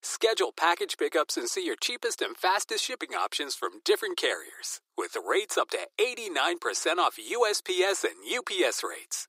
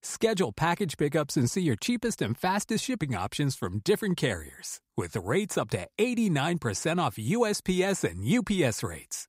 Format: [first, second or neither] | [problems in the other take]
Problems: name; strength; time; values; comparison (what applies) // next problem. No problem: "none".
second | thin; very; fading below 350 Hz